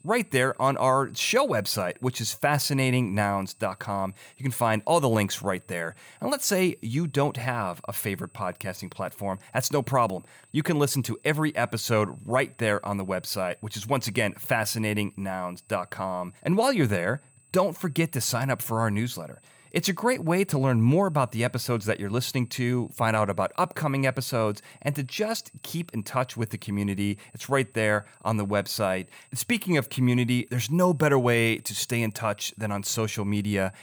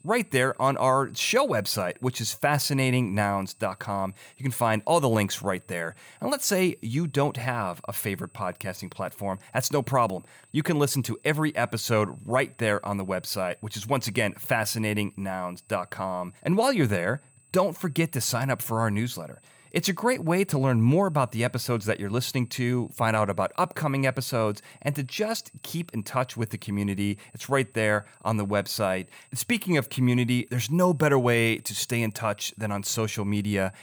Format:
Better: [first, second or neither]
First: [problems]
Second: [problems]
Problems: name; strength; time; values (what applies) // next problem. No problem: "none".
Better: neither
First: high-pitched whine; faint; throughout; 8 kHz, 30 dB below the speech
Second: high-pitched whine; faint; throughout; 8 kHz, 30 dB below the speech